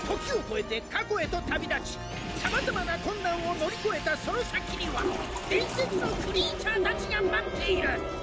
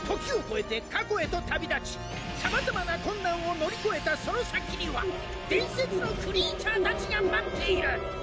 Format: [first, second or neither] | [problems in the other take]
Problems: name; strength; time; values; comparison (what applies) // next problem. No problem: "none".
second | background sound (Toilet flush / Water); 11 dB below the speech